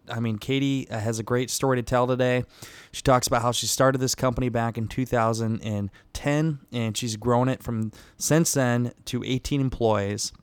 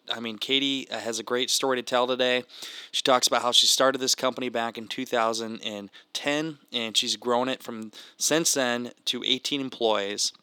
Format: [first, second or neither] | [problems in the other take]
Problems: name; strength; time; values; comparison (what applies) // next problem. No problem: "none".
first | thin; very slightly; fading below 250 Hz